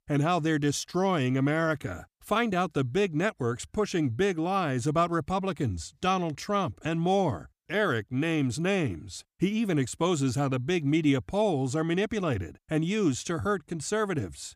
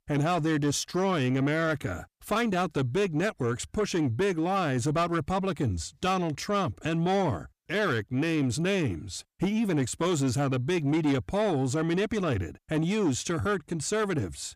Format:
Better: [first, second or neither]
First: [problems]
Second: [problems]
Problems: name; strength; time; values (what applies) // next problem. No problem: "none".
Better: first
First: none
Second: distortion; slight; 10 dB below the speech